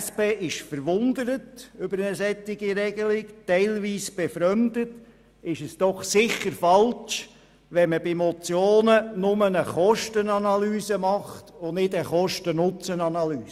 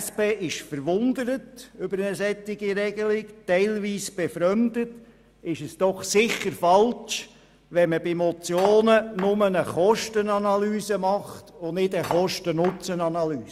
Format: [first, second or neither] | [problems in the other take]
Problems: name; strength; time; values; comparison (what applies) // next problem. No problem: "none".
first | background sound (Cutlery, silverware); 12 dB below the speech